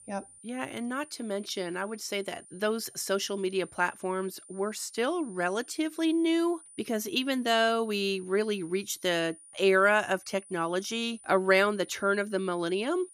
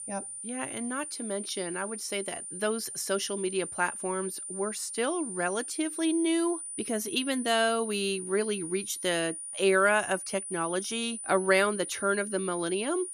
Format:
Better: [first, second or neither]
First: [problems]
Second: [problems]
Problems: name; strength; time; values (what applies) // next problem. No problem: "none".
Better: first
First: high-pitched whine; faint; throughout; 9 kHz, 20 dB below the speech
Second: high-pitched whine; loud; throughout; 9 kHz, 7 dB below the speech